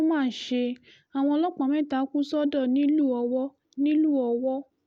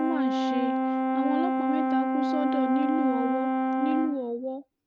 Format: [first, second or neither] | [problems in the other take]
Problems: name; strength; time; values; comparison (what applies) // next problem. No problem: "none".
first | noise reduction (neural mask model RNNoise)